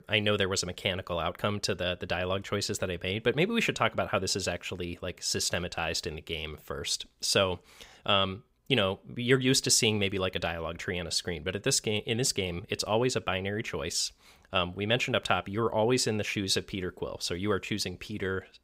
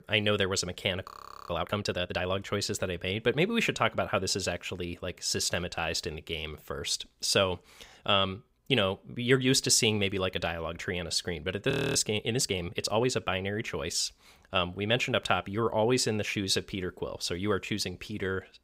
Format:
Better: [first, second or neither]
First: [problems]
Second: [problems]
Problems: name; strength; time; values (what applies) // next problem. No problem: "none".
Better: first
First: none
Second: audio freezing; at 1 s and at 12 s